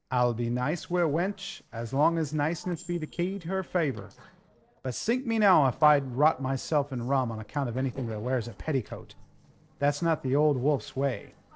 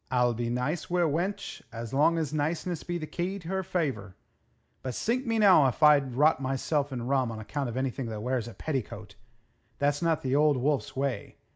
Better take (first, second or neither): second